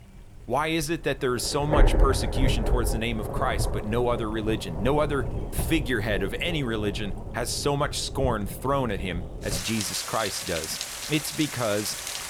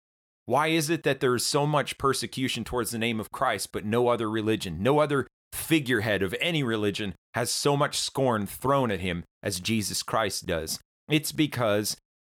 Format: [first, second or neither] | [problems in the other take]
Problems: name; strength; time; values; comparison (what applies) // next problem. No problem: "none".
second | rain or running water; loud; throughout; 3 dB below the speech